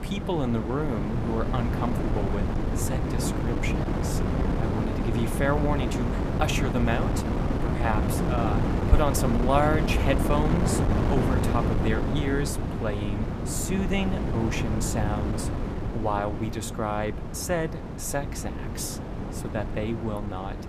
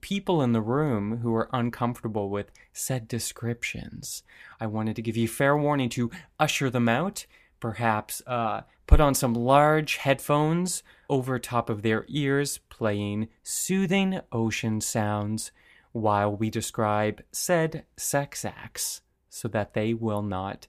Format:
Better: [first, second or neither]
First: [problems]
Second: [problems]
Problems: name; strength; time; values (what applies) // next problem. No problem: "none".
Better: second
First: wind noise on the microphone; heavy; 2 dB below the speech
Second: none